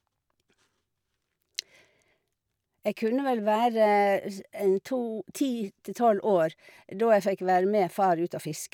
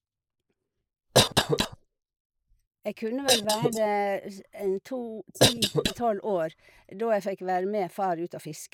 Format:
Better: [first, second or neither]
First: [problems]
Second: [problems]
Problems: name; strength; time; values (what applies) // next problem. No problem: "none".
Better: first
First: none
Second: noise reduction (neural mask model Resemble Enhance denoiser)